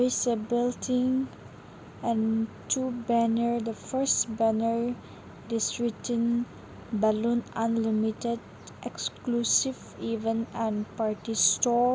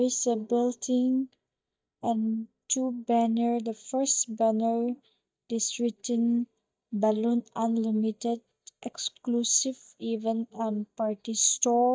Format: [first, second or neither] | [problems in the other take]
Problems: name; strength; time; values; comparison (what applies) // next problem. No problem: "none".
first | noise reduction (neural mask model DeepFilterNet 3)